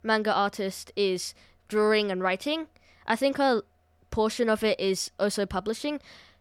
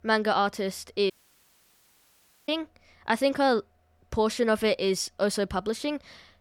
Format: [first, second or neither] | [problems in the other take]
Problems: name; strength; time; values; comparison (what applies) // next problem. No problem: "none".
first | audio cutting out; at 1 s for 1.5 s